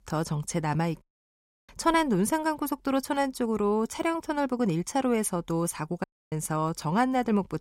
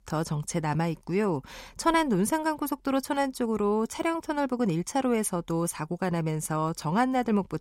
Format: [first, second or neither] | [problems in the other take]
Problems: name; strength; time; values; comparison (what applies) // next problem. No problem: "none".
second | audio cutting out; at 1 s for 0.5 s and at 6 s